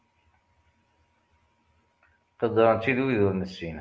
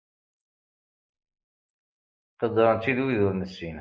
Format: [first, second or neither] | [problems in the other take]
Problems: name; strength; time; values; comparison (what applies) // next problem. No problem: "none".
first | noise reduction (neural mask model Resemble Enhance denoiser)